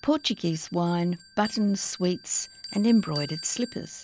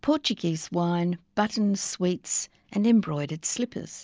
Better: second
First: background sound (Bell); 17 dB below the speech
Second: none

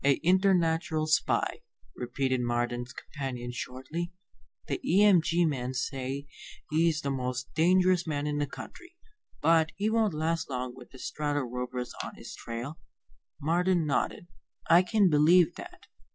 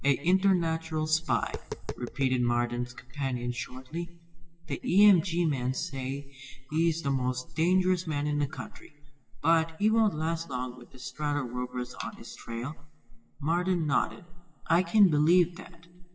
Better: first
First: none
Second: background sound (Tap); 16 dB below the speech // room echo; dies away in 1.4 s

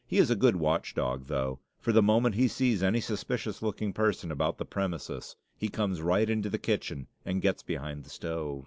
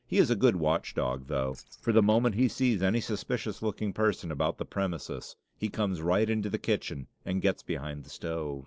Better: first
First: none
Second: noise reduction (neural separator model SepFormer DNS4)

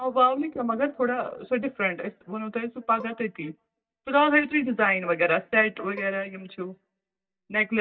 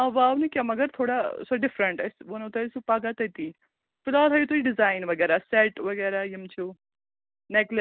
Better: second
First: noise reduction (neural mask model DeepFilterNet 3)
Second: none

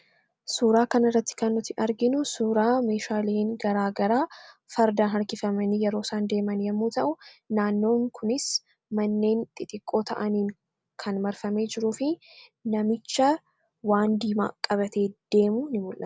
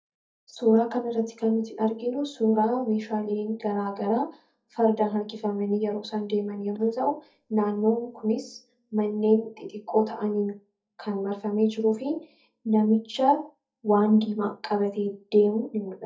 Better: first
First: none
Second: noise reduction (neural mask model DeepFilterNet 3)

